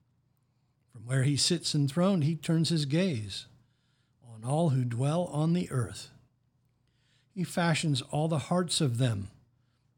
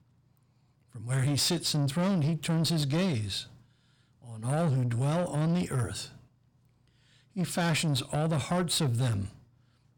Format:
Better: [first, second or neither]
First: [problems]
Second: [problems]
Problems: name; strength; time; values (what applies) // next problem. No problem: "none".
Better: first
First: none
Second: distortion; slight; 10 dB below the speech